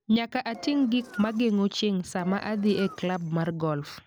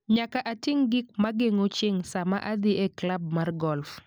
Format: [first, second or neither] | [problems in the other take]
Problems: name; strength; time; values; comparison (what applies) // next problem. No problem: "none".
second | background sound (Engine); 19 dB below the speech